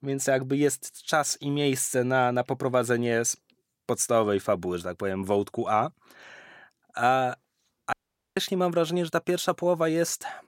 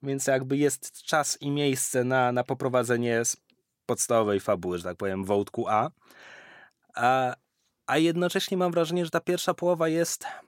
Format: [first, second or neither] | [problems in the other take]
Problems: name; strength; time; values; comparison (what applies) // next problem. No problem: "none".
second | audio cutting out; at 8 s